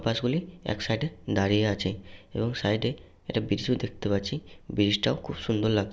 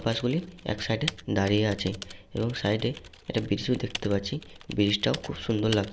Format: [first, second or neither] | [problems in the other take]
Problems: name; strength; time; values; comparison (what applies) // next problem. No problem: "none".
first | background sound (Typing); 15 dB below the speech